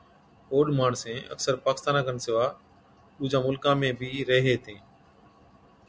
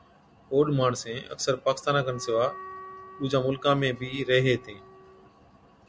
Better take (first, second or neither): first